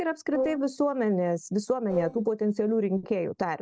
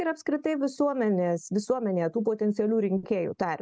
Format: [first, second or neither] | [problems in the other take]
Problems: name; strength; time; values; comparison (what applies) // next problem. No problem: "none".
second | noise reduction (neural separator model SepFormer DNS4)